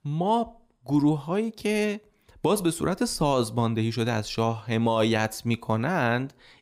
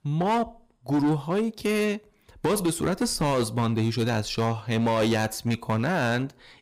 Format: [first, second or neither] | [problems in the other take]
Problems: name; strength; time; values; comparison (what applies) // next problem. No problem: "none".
first | distortion; slight; 11% of the sound clipped